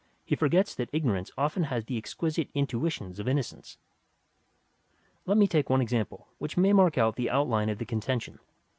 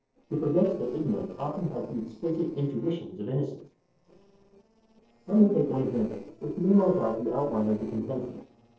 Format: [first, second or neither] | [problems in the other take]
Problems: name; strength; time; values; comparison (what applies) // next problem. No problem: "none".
first | noise reduction (neural separator model SepFormer DNS4)